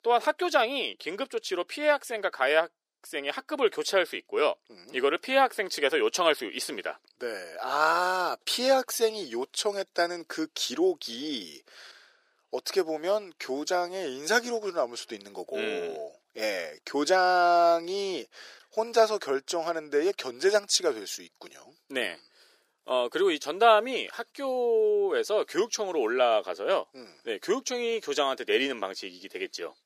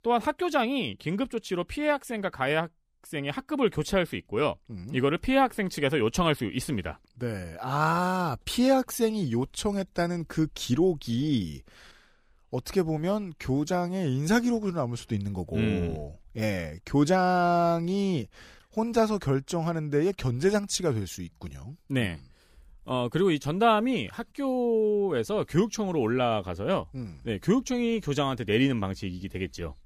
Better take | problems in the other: second | thin; very; fading below 400 Hz

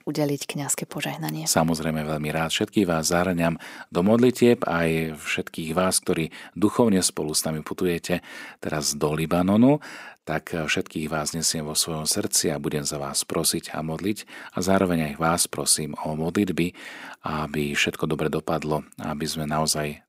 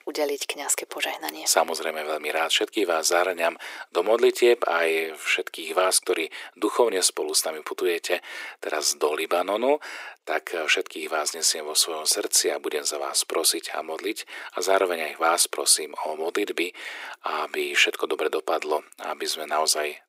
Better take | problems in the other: first | thin; very; fading below 350 Hz

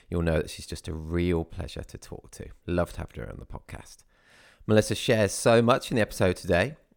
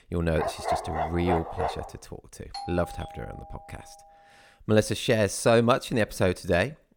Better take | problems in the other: first | dog barking; noticeable; until 2 s; peak 3 dB below the speech // doorbell; faint; from 2.5 to 4 s; peak 10 dB below the speech

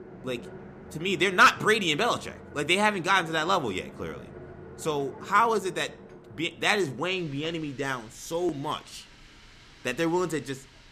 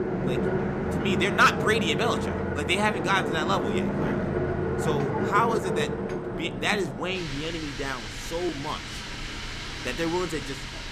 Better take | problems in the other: first | household noises; loud; throughout; 2 dB below the speech; faint in the first

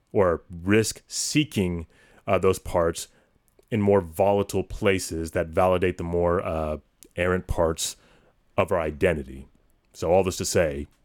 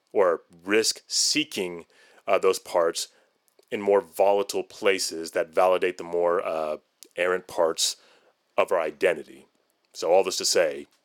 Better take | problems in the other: first | thin; somewhat; fading below 450 Hz

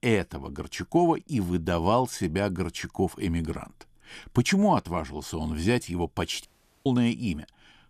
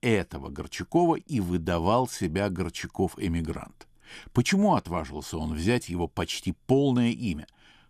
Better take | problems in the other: second | audio cutting out; at 6.5 s

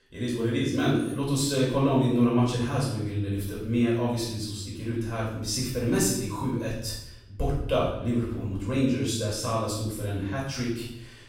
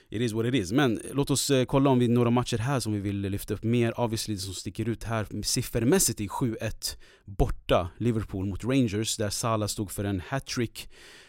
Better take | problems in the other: second | off-mic speech; far // room echo; noticeable; dies away in 0.7 s

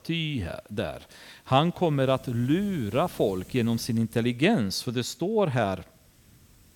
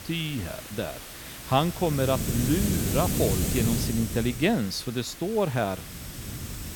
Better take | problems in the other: first | hiss; loud; throughout; 3 dB below the speech; faint in the first

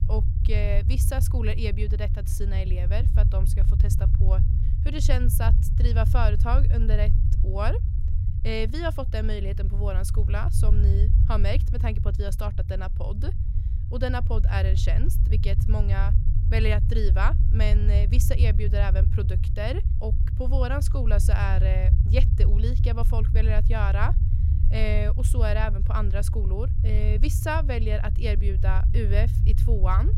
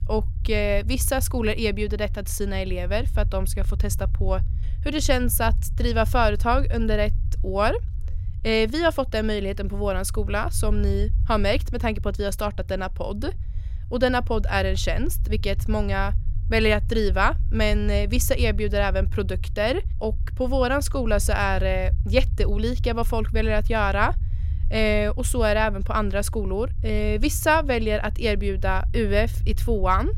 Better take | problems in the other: second | low rumble; loud; throughout; 8 dB below the speech; faint in the second

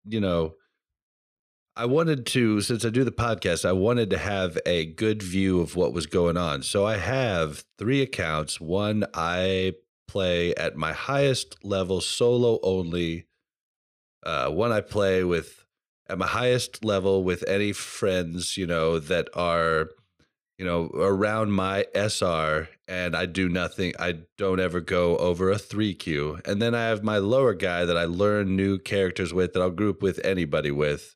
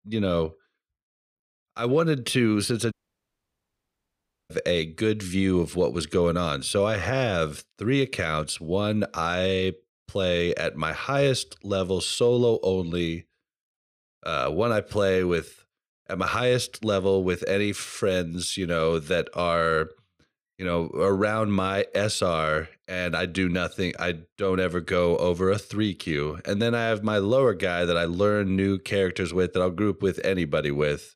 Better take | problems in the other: first | audio cutting out; at 3 s for 1.5 s

